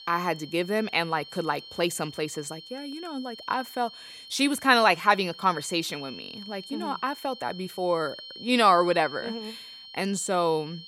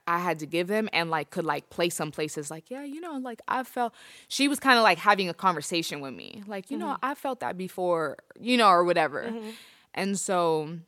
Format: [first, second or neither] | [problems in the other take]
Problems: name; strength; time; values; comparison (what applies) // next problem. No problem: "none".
second | high-pitched whine; noticeable; throughout; 4.5 kHz, 15 dB below the speech